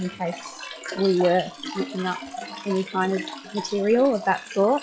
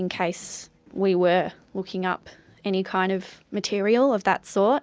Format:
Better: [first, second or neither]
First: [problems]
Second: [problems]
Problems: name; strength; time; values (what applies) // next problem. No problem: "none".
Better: second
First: noise reduction (classical method log-MMSE)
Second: none